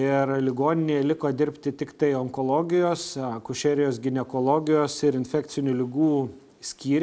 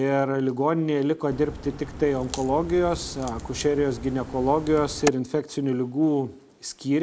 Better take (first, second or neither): first